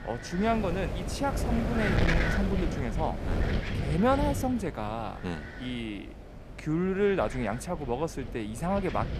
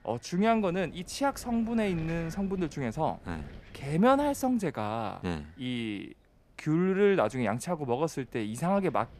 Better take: second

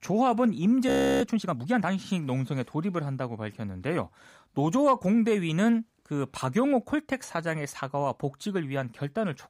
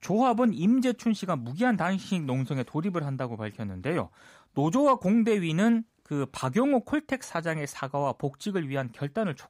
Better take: second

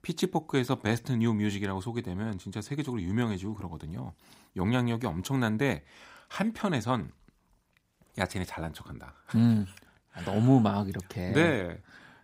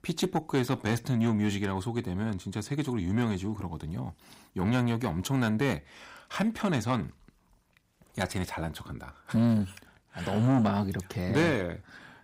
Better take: first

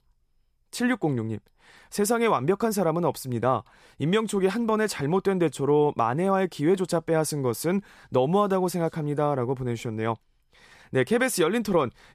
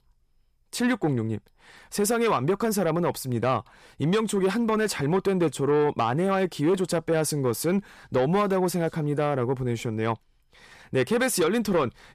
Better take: first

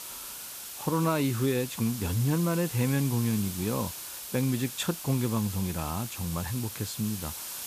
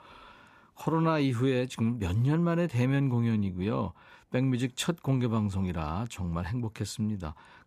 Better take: second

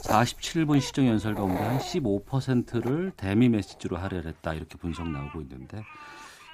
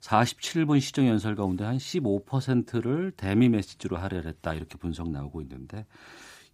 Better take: second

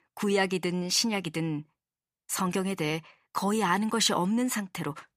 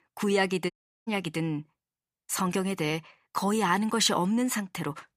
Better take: first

